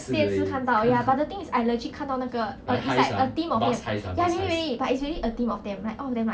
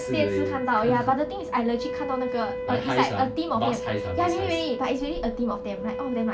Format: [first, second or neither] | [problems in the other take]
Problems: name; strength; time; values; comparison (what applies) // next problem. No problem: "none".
first | background sound (Wind instrument, woodwind instrument); 7 dB below the speech